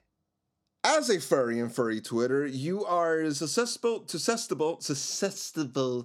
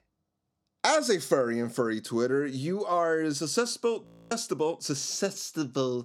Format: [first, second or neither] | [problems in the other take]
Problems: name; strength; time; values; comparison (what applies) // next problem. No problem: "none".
first | audio freezing; at 4 s